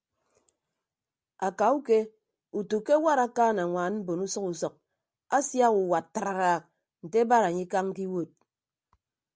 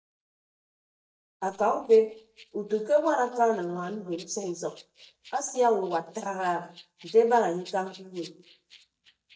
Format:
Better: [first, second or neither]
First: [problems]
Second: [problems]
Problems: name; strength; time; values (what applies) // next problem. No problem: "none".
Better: first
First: none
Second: noise reduction (neural mask model DeepFilterNet 3)